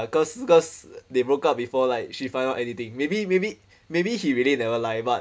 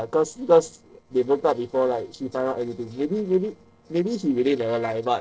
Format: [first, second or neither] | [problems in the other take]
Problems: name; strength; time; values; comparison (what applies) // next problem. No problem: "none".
first | noise reduction (neural separator model SepFormer DNS4)